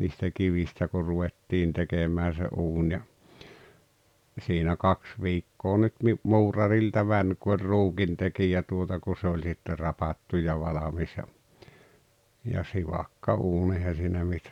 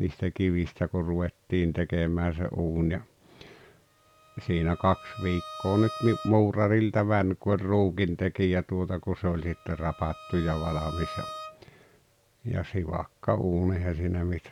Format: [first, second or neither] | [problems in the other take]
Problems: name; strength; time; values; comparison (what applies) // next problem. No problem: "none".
first | background sound (Bowed string instrument); 16 dB below the speech